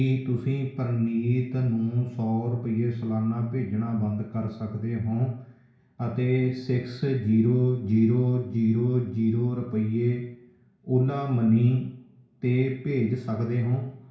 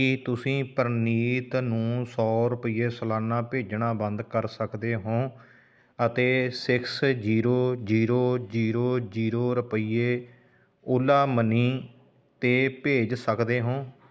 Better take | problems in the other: second | room echo; dies away in 0.6 s

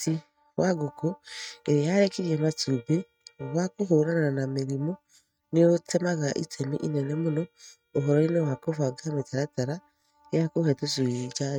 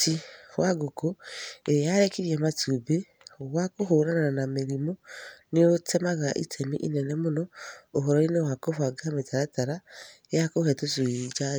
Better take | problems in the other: second | noise reduction (neural mask model RNNoise)

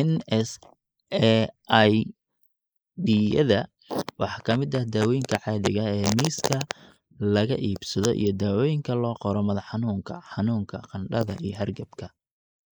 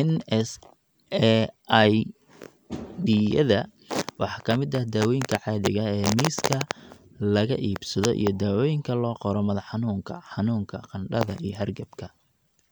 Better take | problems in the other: second | noise reduction (neural mask model Resemble Enhance denoiser)

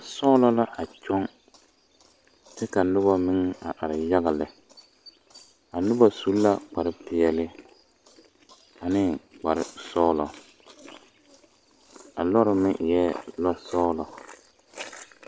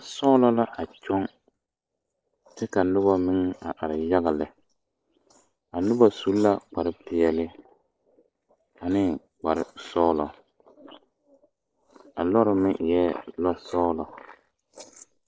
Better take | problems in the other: first | noise reduction (neural mask model Resemble Enhance denoiser)

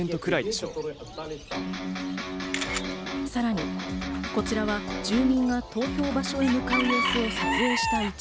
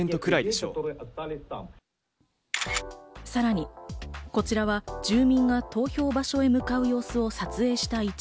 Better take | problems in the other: second | background sound (Electric guitar + Bird / Chicken, rooster); 3 dB below the speech

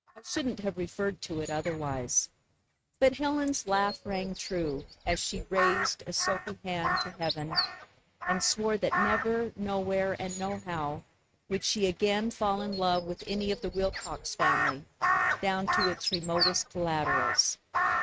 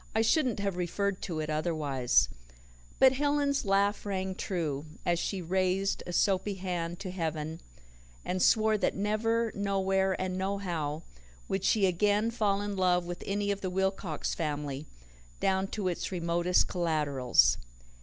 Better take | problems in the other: second | noise reduction (neural mask model RNNoise)

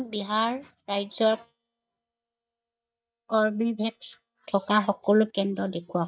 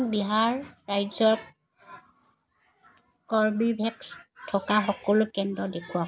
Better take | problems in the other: second | noise reduction (neural mask model DeepFilterNet 3)

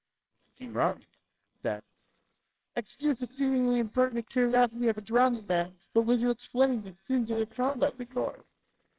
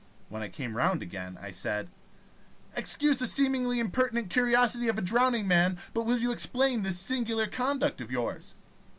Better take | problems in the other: second | noise reduction (neural separator model SepFormer WHAMR!)

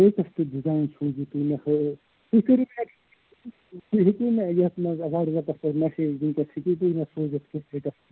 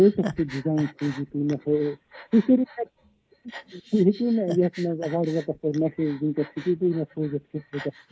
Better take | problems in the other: first | noise reduction (neural mask model Resemble Enhance denoiser)

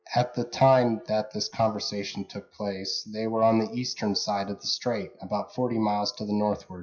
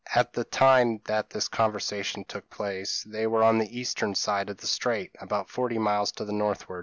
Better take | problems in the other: second | noise reduction (classical method WPE with log-MMSE)

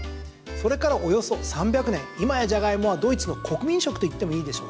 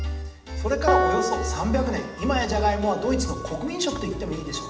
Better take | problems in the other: first | background sound (Piano); 4 dB below the speech // room echo; dies away in 0.9 s

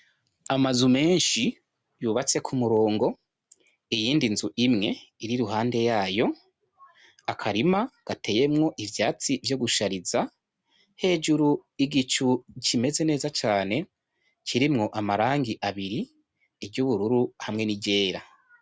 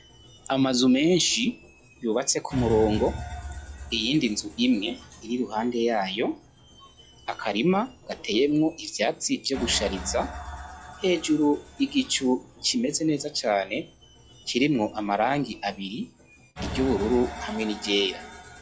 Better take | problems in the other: first | noise reduction (classical method log-MMSE)

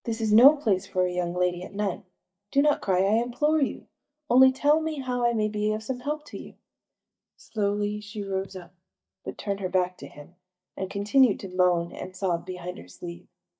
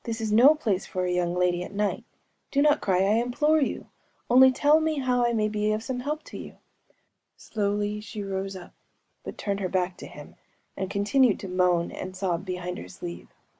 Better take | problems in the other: second | noise reduction (neural mask model DeepFilterNet 3)

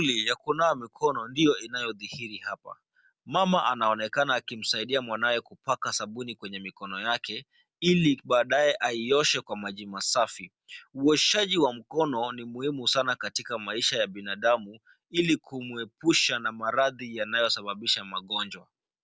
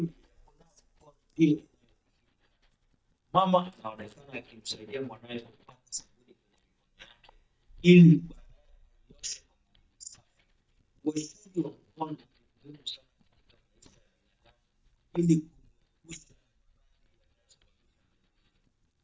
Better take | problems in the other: first | noise reduction (neural mask model DeepFilterNet 3)

